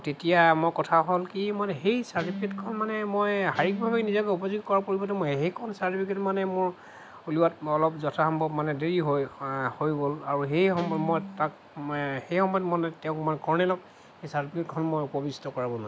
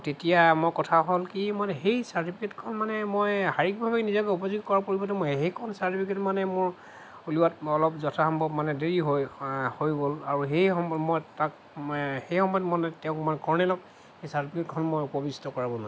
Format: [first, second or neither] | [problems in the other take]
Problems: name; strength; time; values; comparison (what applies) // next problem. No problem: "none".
second | background sound (Guitar); 10 dB below the speech